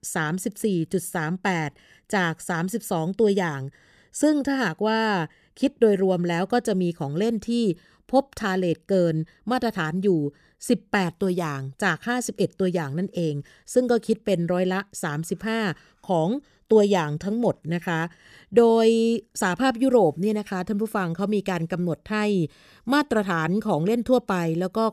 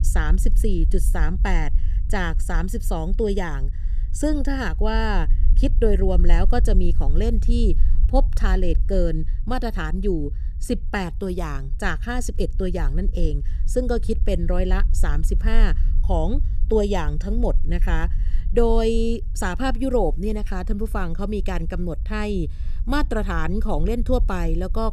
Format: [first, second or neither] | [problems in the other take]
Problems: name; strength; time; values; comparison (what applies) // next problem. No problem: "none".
first | low rumble; faint; throughout; 20 dB below the speech